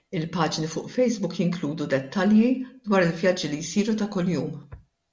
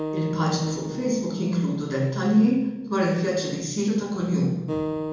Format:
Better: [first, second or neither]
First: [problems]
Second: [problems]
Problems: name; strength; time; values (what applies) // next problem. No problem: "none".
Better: first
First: none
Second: background sound (Acoustic guitar); 10 dB below the speech // room echo; dies away in 0.9 s